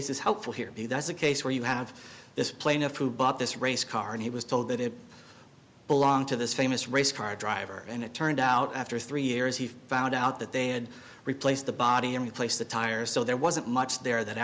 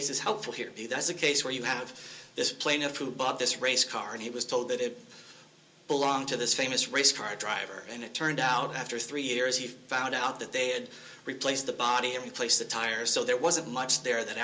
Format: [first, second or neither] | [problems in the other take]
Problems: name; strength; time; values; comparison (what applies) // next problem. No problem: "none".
first | room echo; dies away in 0.2 s